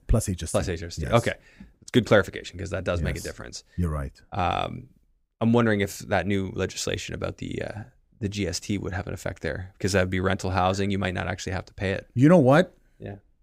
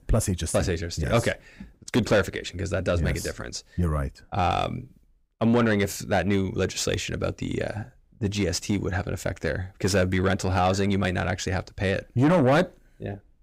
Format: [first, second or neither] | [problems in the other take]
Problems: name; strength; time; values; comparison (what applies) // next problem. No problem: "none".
first | distortion; heavy; 7 dB below the speech